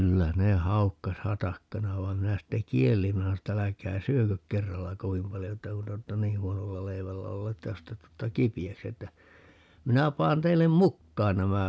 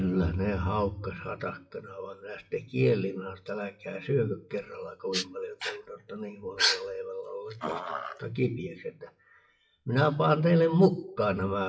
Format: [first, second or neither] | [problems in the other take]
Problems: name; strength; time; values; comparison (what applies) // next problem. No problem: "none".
first | noise reduction (classical method WPE with log-MMSE)